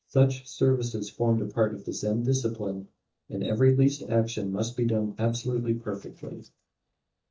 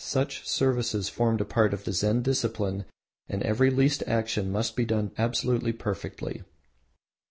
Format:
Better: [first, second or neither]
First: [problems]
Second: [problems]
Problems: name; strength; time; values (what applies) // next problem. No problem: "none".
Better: second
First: noise reduction (neural mask model DeepFilterNet 3)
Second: none